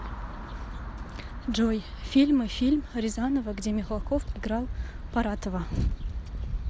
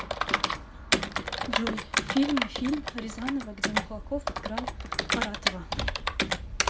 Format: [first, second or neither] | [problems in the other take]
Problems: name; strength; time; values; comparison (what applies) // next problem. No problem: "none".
first | background sound (Computer keyboard); 2 dB above the speech // room echo; dies away in 0.3 s